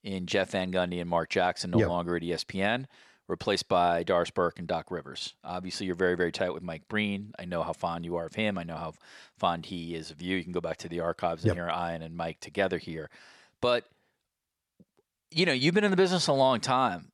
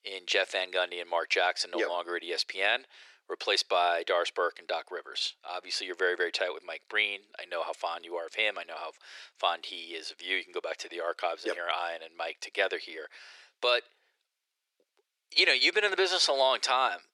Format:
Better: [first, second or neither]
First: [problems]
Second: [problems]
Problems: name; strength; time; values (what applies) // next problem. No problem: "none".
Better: first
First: none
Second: thin; very; fading below 350 Hz